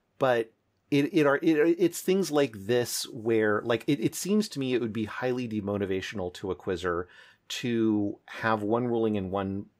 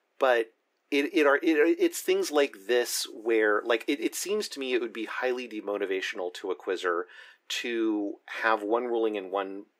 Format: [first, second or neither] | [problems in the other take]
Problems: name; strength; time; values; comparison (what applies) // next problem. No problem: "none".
first | thin; somewhat; fading below 300 Hz